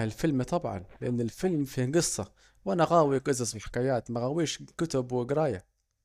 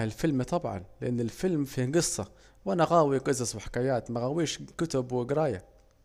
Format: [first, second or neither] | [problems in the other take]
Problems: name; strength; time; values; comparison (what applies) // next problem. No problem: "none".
second | noise reduction (neural mask model DeepFilterNet 3)